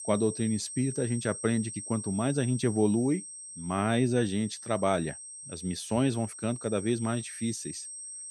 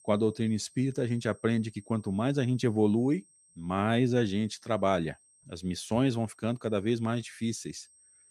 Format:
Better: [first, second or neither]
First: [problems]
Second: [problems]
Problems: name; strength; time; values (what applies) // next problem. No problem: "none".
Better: second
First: high-pitched whine; loud; throughout; 8.5 kHz, 10 dB below the speech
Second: high-pitched whine; faint; throughout; 8.5 kHz, 30 dB below the speech